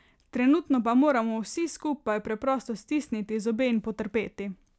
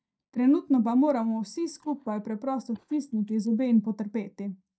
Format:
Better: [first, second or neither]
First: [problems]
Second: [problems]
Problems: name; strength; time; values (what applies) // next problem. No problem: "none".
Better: first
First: none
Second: noise reduction (neural mask model DeepFilterNet 3)